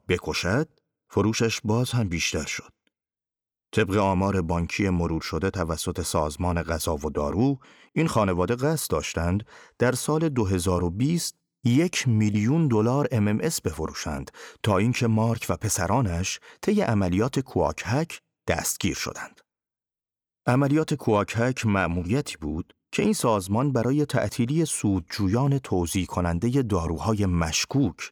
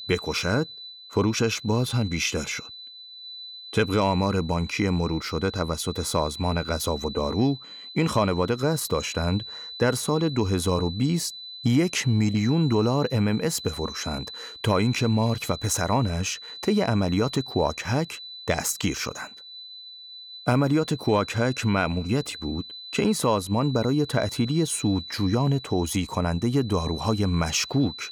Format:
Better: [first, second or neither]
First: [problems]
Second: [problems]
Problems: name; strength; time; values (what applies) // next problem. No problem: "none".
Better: first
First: none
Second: high-pitched whine; noticeable; throughout; 4 kHz, 15 dB below the speech